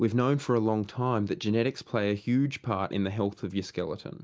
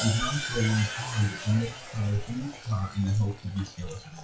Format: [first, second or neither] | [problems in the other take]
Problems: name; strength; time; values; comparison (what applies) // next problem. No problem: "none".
first | noise reduction (classical method WPE with log-MMSE)